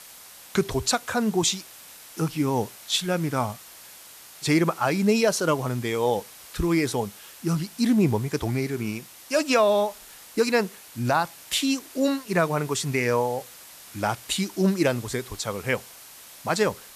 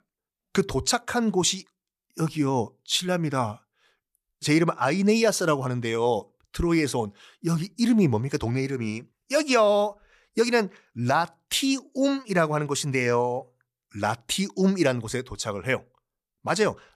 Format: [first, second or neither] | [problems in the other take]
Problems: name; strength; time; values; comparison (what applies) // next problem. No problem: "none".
second | hiss; noticeable; throughout; 20 dB below the speech